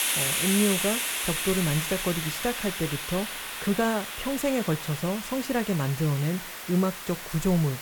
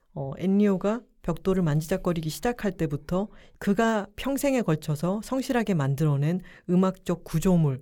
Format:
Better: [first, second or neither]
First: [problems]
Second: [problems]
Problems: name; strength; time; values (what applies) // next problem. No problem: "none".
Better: second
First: hiss; loud; throughout; 2 dB below the speech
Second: none